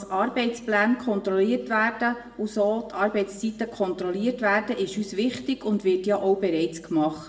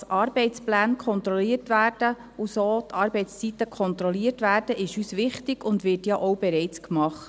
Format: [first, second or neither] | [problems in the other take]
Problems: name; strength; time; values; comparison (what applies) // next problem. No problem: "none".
second | room echo; dies away in 0.6 s